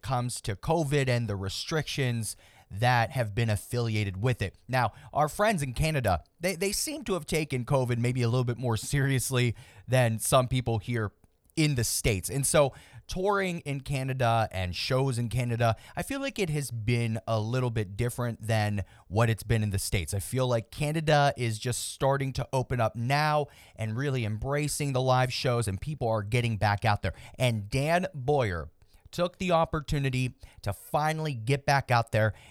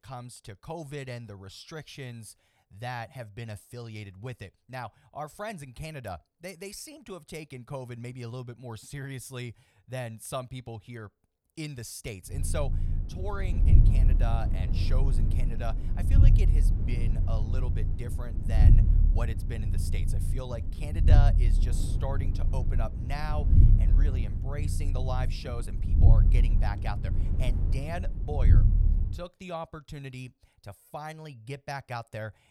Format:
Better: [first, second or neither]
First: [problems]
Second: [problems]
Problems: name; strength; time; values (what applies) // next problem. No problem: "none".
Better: first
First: none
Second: low rumble; loud; from 12 to 29 s; 3 dB below the speech